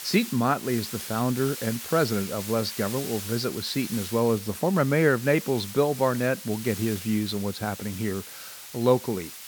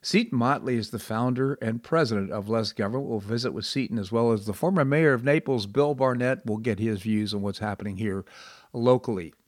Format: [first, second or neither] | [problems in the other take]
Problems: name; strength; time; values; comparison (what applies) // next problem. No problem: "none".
second | hiss; noticeable; throughout; 10 dB below the speech